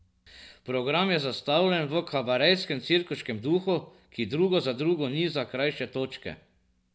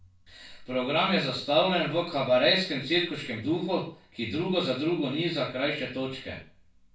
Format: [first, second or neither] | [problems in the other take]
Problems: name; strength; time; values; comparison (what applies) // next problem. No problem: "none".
first | room echo; dies away in 0.3 s